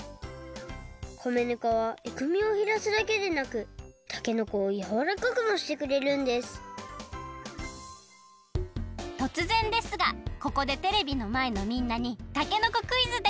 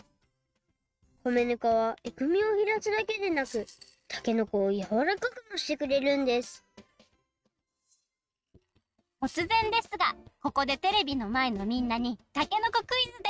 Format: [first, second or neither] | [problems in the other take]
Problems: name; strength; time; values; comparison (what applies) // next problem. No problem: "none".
first | noise reduction (neural mask model RNNoise)